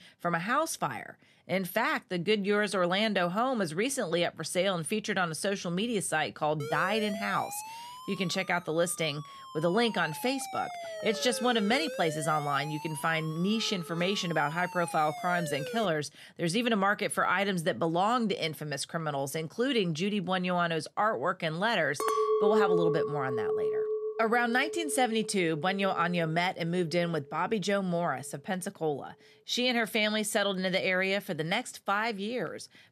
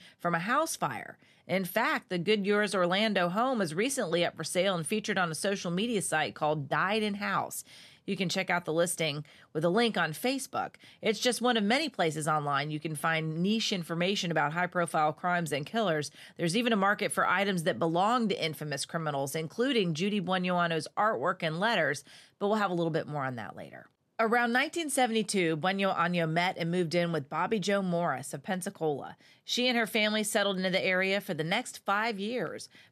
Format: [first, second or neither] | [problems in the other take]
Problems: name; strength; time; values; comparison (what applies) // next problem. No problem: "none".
second | siren; noticeable; from 6.5 to 16 s; peak 8 dB below the speech // clattering dishes; loud; from 22 to 26 s; peak 3 dB above the speech